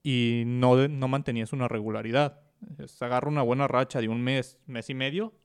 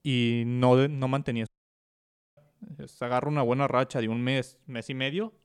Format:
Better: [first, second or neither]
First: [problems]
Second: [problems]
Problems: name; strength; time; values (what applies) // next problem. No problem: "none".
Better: first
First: none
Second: audio cutting out; at 1.5 s for 1 s